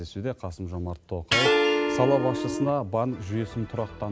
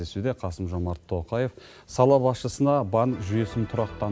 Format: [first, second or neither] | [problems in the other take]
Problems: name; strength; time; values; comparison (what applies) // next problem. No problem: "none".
second | background sound (Plucked string instrument + Electric guitar); 2 dB above the speech